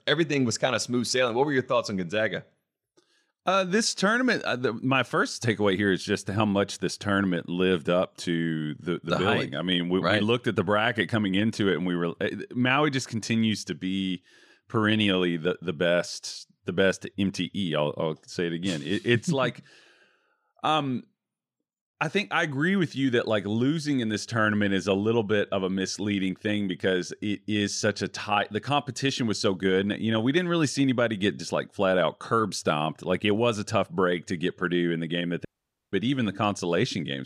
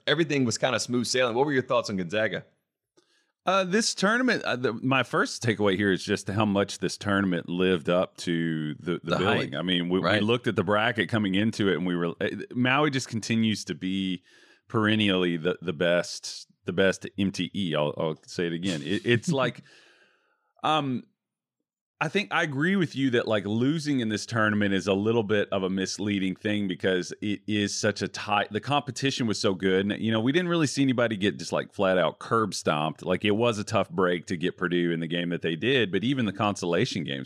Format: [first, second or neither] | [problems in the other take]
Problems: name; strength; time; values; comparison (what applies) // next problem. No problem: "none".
second | audio cutting out; at 35 s